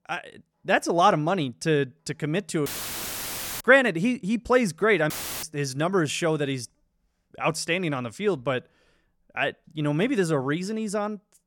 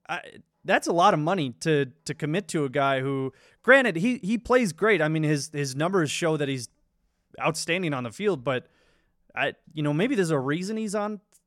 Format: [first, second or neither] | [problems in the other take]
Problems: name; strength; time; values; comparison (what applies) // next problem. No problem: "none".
second | audio cutting out; filled with static; at 2.5 s for 1 s and at 5 s